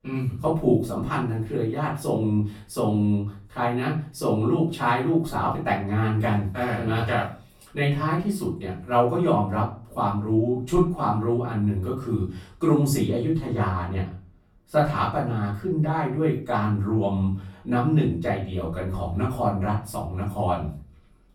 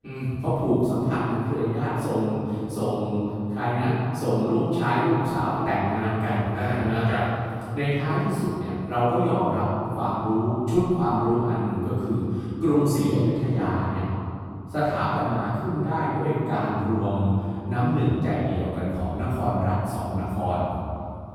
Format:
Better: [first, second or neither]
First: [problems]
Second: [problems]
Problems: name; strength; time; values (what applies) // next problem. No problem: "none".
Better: first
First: room echo; slight; dies away in 0.4 s // off-mic speech; far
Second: room echo; strong; dies away in 2.6 s // off-mic speech; far